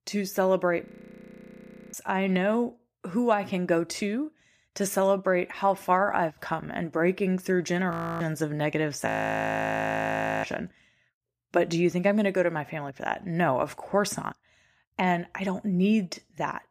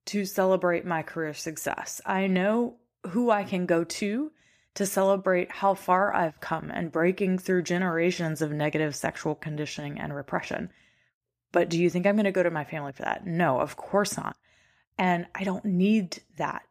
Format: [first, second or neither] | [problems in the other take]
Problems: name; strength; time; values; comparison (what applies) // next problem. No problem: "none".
second | audio freezing; at 1 s for 1 s, at 8 s and at 9 s for 1.5 s